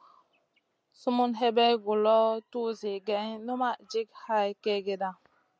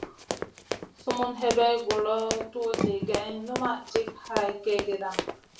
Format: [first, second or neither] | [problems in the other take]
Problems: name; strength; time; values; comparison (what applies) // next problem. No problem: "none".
first | background sound (Run); 5 dB below the speech // room echo; dies away in 0.4 s